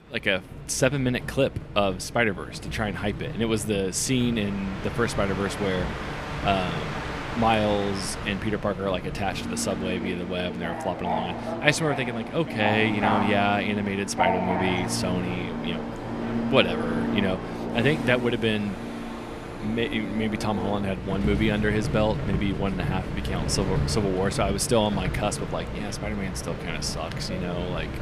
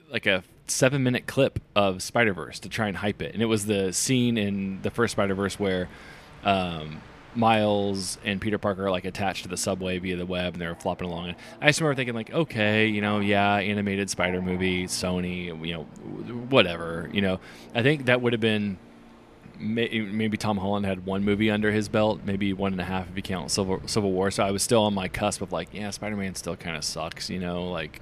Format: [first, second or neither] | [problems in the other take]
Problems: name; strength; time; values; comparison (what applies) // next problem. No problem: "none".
second | train or aircraft noise; loud; throughout; 5 dB below the speech; faint in the second